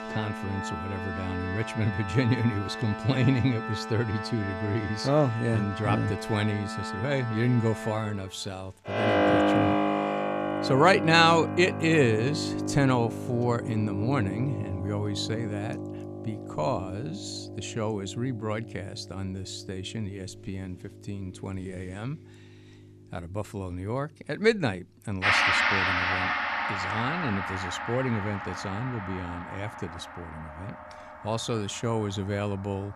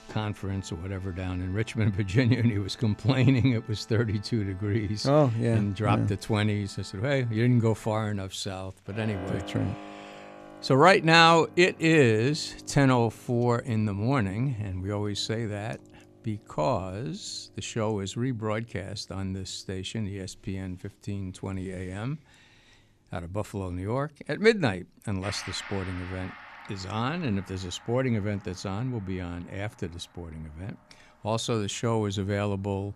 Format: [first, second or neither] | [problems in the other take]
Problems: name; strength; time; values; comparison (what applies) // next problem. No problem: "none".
second | background music; loud; throughout; 2 dB below the speech; faint in the second